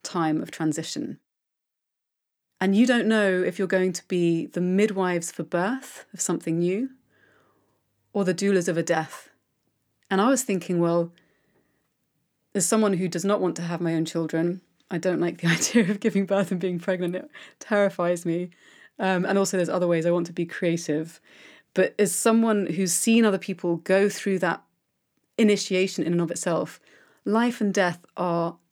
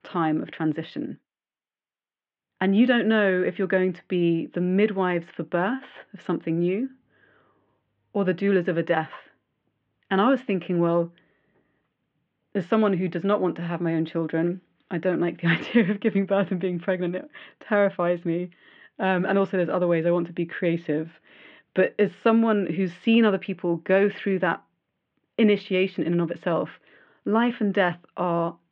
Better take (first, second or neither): first